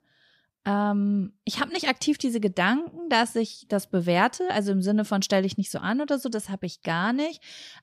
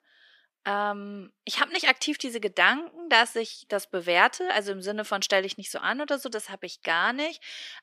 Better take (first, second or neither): first